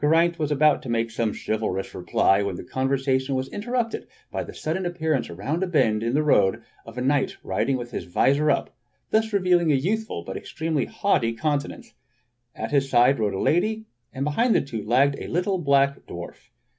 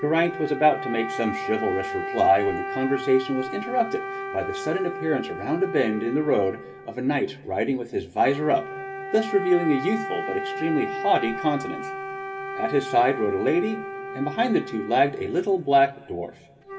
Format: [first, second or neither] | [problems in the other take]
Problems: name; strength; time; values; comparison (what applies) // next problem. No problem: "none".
first | background sound (Wind instrument, woodwind instrument); 9 dB below the speech // room echo; dies away in 2.7 s